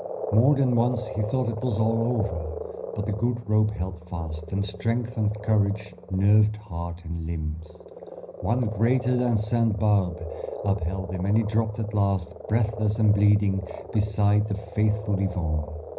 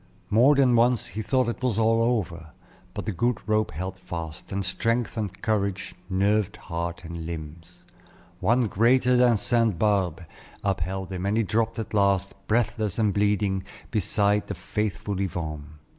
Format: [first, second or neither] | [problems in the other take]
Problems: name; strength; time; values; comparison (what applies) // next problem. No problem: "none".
second | background sound (Frog); 13 dB below the speech // room echo; dies away in 0.5 s